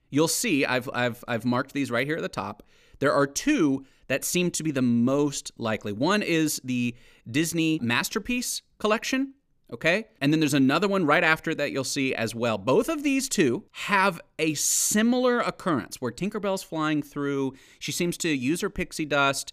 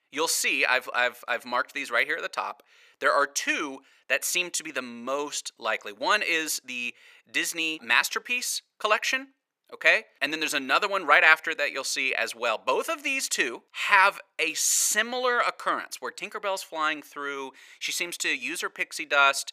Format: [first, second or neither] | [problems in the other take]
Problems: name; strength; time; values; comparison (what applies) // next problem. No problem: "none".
first | thin; very; fading below 700 Hz